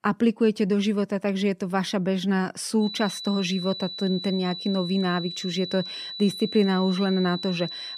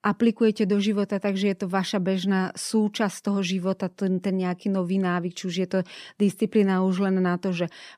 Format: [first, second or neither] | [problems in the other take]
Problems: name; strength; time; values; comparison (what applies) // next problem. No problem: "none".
second | high-pitched whine; loud; from 3 s on; 4 kHz, 8 dB below the speech